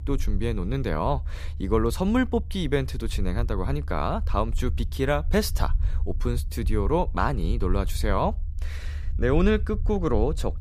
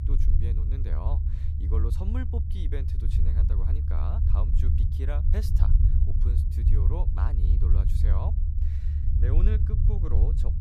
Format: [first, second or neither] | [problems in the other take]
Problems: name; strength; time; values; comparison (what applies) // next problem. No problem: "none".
first | low rumble; loud; throughout; as loud as the speech; faint in the first